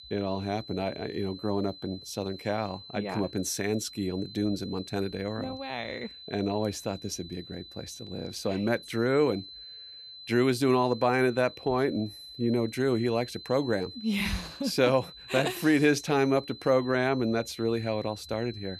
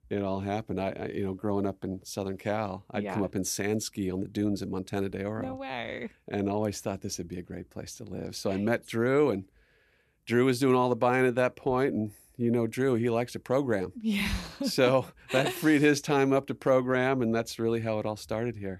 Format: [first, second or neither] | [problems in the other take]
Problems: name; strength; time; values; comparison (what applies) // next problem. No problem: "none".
second | high-pitched whine; noticeable; throughout; 4 kHz, 15 dB below the speech